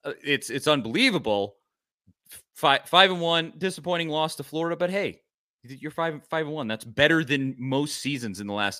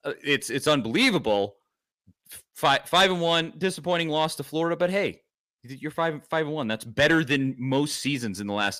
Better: first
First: none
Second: distortion; slight; 10 dB below the speech

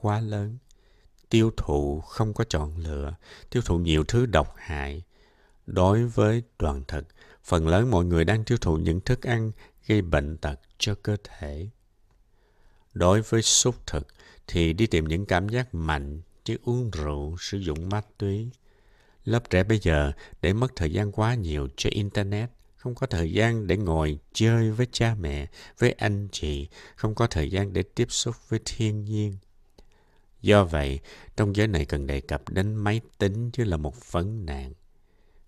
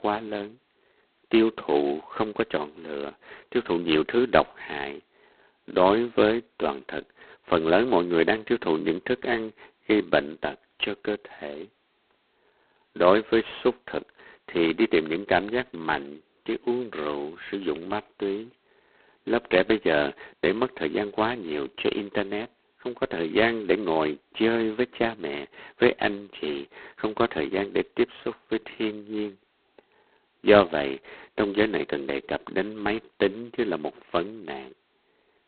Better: first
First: none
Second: phone-call audio; poor line; nothing above 4 kHz

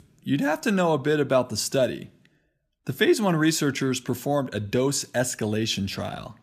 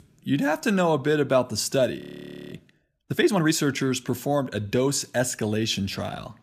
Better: first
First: none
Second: audio freezing; at 2 s for 0.5 s

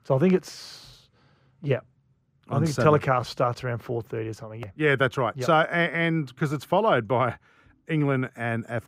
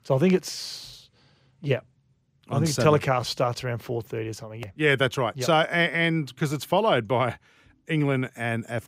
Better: second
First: muffled; very slightly; fading above 2.5 kHz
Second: none

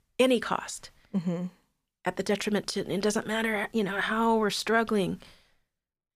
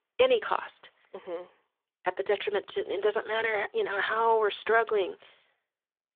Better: first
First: none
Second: phone-call audio

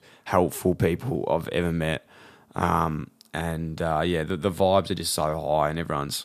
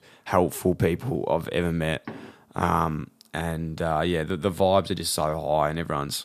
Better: first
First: none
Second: door banging; faint; at 2 s; peak 15 dB below the speech

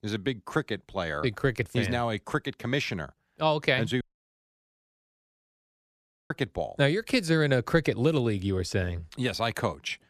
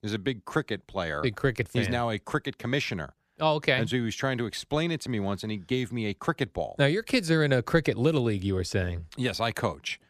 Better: second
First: audio cutting out; at 4 s for 2.5 s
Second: none

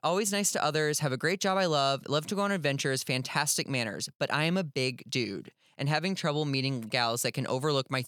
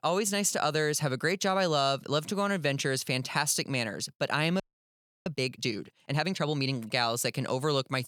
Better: first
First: none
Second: audio freezing; at 4.5 s for 0.5 s

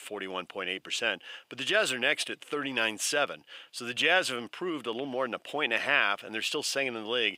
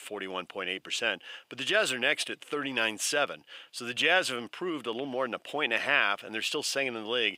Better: neither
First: thin; very; fading below 550 Hz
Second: thin; very; fading below 550 Hz

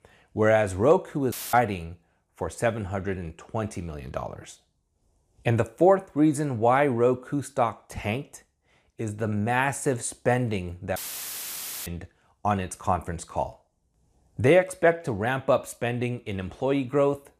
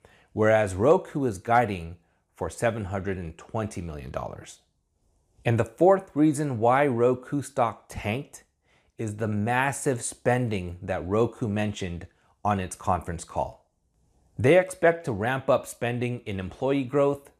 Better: second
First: audio cutting out; filled with static; at 1.5 s and at 11 s for 1 s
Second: none

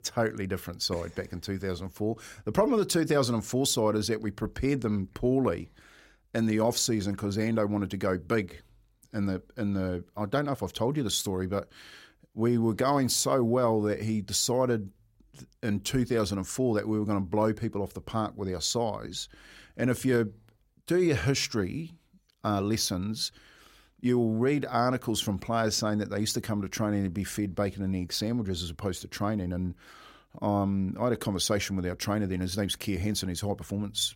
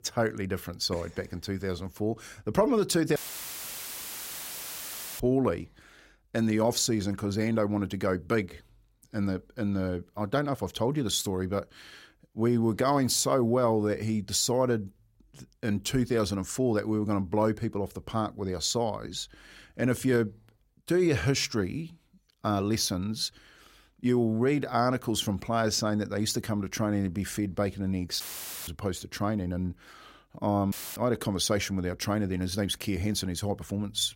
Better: first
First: none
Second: audio cutting out; filled with static; at 3 s for 2 s, at 28 s and at 31 s

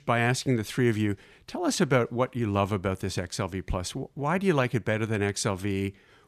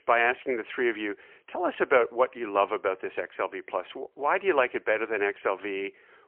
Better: first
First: none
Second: phone-call audio; poor line

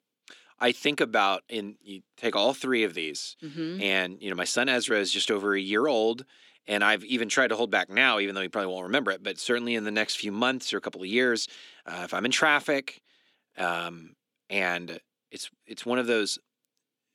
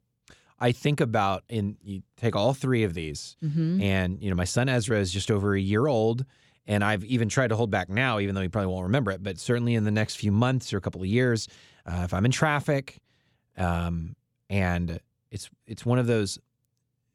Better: second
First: thin; somewhat; fading below 300 Hz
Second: none

